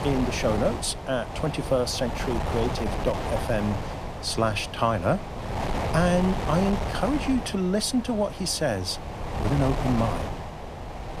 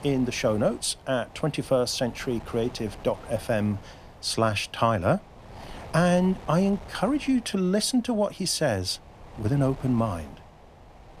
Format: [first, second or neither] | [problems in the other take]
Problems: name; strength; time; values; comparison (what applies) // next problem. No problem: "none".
second | wind noise on the microphone; heavy; 5 dB below the speech; occasional gusts in the second